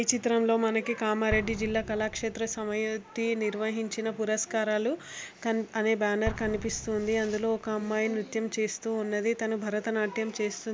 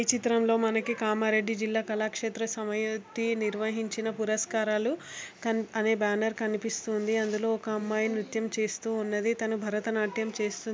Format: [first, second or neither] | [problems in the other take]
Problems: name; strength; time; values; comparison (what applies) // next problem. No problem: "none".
second | background sound (Explosion); 17 dB below the speech